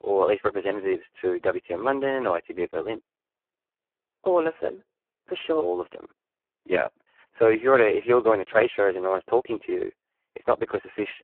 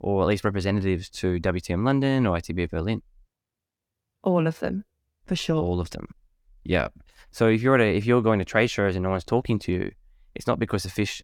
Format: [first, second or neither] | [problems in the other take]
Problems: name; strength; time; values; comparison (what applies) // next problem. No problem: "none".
second | phone-call audio; poor line